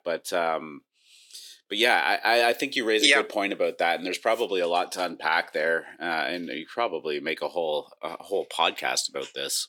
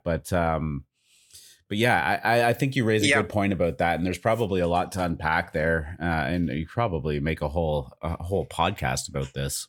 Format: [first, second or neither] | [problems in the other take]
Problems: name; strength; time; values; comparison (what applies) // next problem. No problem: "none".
second | thin; somewhat; fading below 350 Hz